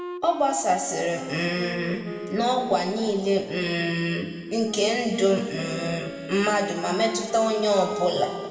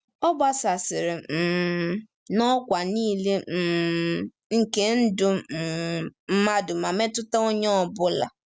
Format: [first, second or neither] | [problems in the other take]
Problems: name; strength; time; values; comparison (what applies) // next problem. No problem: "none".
second | background sound (Wind instrument, woodwind instrument); 12 dB below the speech // room echo; dies away in 2 s